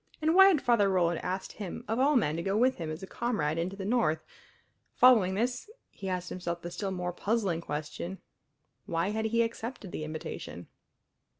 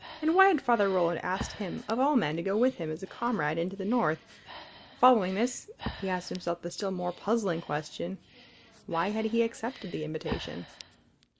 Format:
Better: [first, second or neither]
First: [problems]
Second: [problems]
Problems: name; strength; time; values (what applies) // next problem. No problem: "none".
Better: first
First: none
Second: background sound (Breathing); 17 dB below the speech